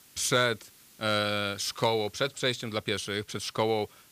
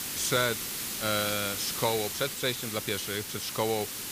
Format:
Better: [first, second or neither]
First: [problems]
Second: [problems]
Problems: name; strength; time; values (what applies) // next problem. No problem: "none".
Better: first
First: hiss; faint; throughout; 25 dB below the speech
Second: hiss; loud; throughout; 2 dB below the speech